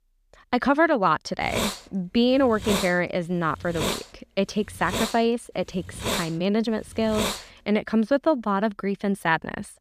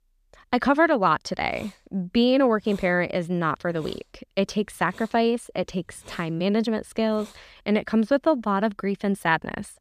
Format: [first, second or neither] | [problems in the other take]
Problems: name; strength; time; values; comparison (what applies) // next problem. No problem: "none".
second | hiss; loud; from 1.5 to 7.5 s; 5 dB below the speech; faint in the second